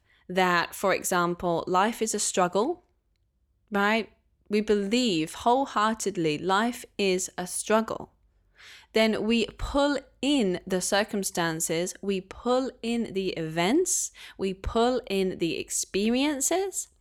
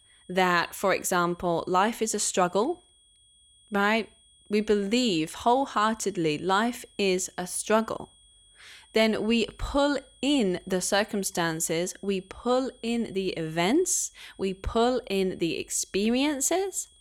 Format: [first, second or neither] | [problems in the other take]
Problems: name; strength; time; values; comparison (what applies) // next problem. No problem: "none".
first | high-pitched whine; faint; throughout; 3.5 kHz, 30 dB below the speech